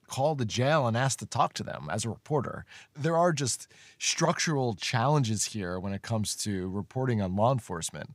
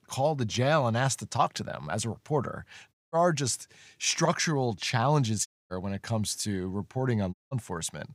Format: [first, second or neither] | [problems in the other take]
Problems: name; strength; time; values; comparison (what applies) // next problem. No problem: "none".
first | audio cutting out; at 3 s, at 5.5 s and at 7.5 s